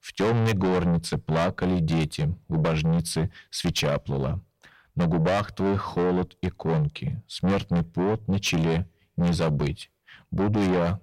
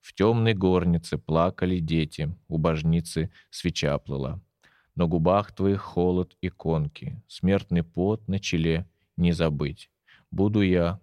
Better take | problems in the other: second | distortion; heavy; 5 dB below the speech

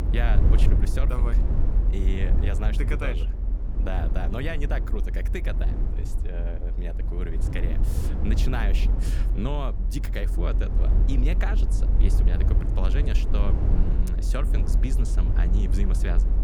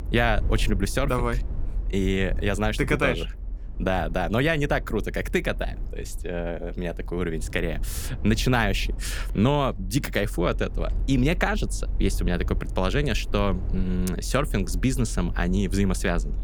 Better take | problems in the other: second | low rumble; loud; throughout; 5 dB below the speech; faint in the second

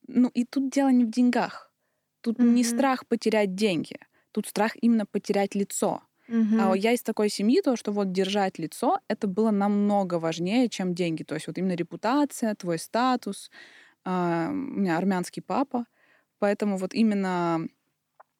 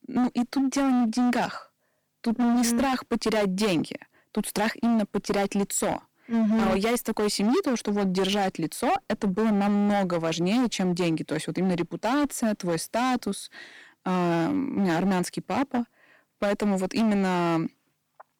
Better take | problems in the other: first | distortion; heavy; 19% of the sound clipped

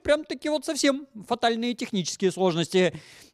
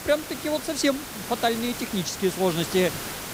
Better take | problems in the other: first | hiss; loud; throughout; 7 dB below the speech

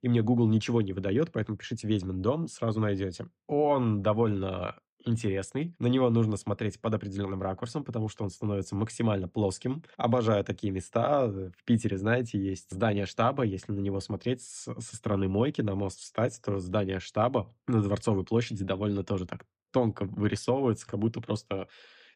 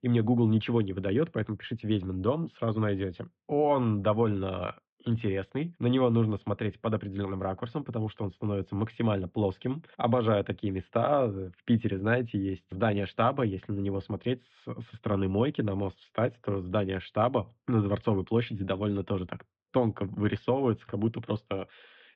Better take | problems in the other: first | muffled; very; fading above 3.5 kHz

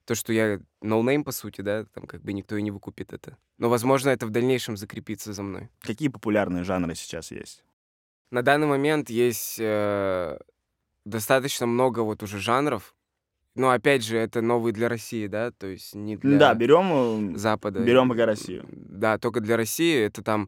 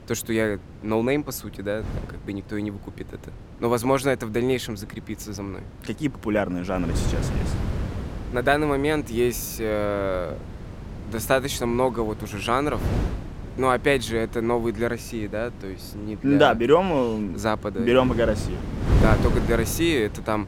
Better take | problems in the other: first | wind noise on the microphone; occasional gusts; 15 dB below the speech

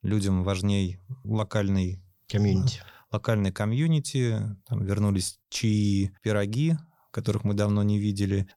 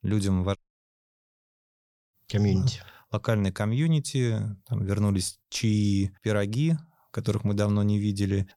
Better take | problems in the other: first | audio cutting out; at 0.5 s for 1.5 s

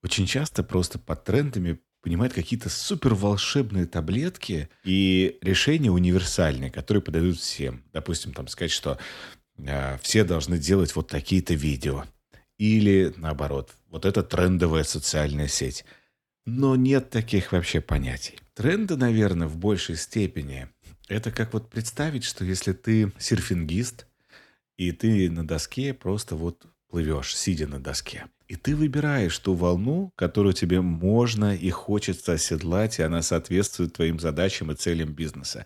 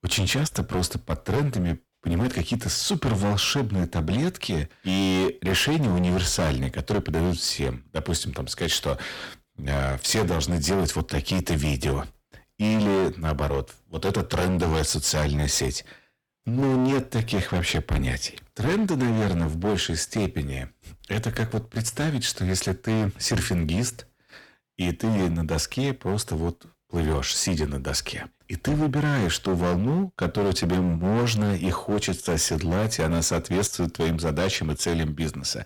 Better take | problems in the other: first | distortion; heavy; 16% of the sound clipped

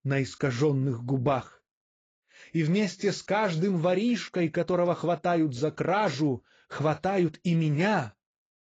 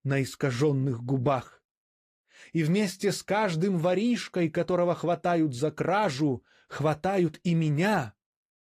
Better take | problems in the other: second | garbled, watery; badly; nothing above 7.5 kHz; slightly in the second

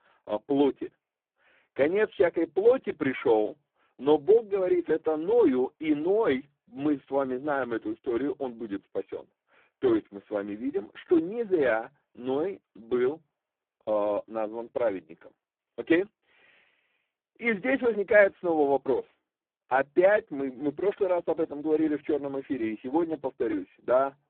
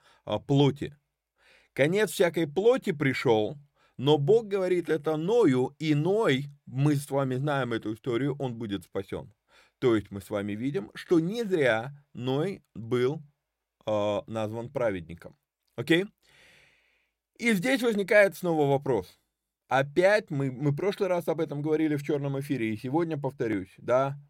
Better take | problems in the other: second | phone-call audio; poor line

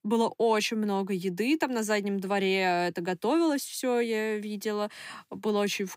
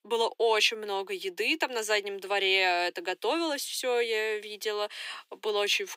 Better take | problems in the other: first | thin; very; fading below 400 Hz

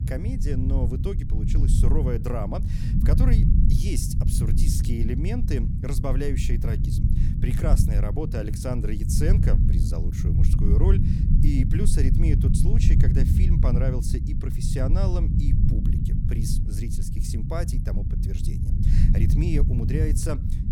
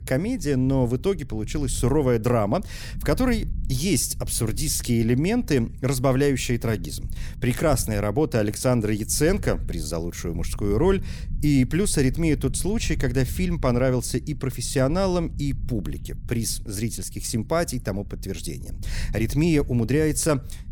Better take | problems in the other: second | low rumble; loud; throughout; 2 dB below the speech; faint in the second

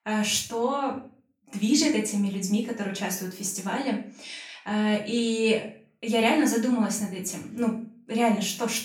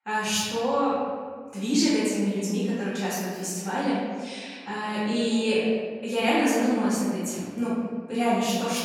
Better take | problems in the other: first | room echo; strong; dies away in 1.5 s; slight in the first // off-mic speech; far; far in the first

